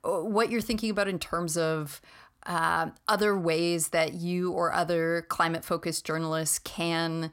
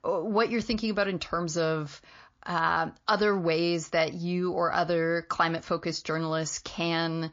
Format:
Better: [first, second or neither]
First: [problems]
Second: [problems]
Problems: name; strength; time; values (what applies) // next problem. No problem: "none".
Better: first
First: none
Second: garbled, watery; slightly